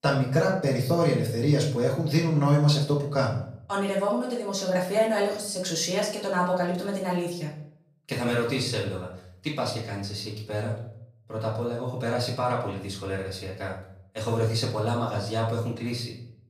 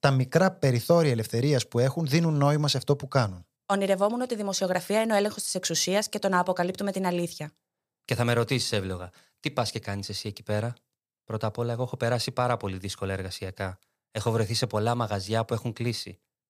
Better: second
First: off-mic speech; far // room echo; noticeable; dies away in 0.5 s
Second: none

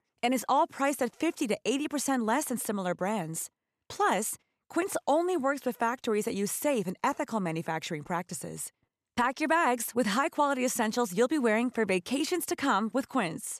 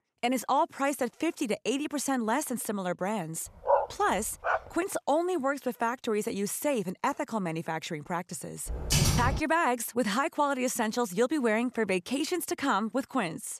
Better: first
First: none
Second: dog barking; loud; at 3.5 s; peak 2 dB above the speech // keyboard typing; loud; at 8.5 s; peak 5 dB above the speech

